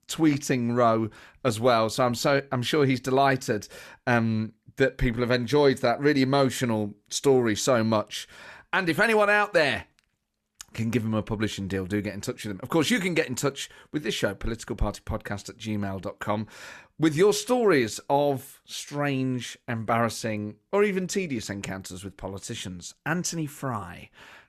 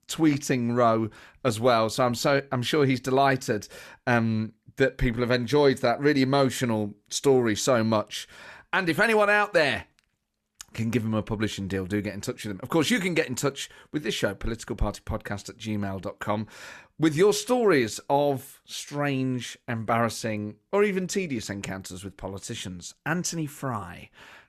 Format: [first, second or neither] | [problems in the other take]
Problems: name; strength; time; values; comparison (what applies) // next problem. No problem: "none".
neither | none